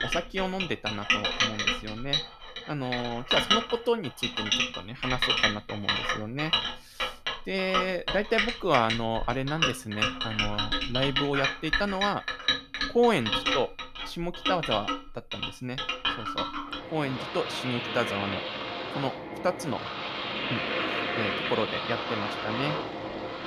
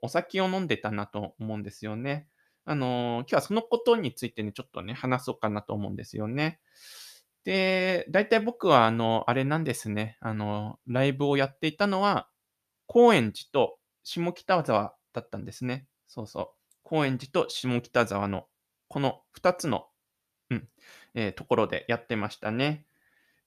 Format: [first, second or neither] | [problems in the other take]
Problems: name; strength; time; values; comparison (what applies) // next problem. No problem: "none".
second | household noises; very loud; throughout; 2 dB above the speech